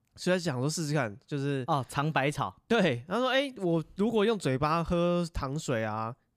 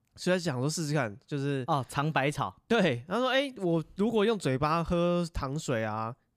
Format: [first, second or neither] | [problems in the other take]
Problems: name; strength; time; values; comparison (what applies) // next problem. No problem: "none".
neither | none